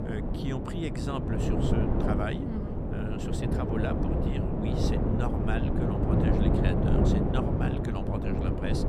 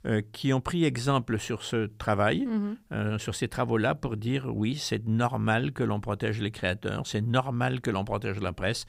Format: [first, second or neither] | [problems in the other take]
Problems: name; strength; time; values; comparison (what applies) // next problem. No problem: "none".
second | wind noise on the microphone; heavy; 4 dB above the speech